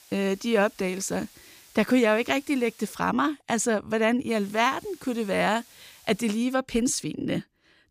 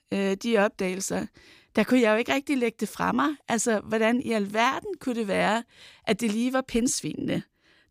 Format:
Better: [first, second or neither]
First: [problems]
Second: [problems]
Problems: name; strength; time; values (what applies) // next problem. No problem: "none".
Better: second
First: hiss; faint; until 3 s and from 4.5 to 6.5 s; 25 dB below the speech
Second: none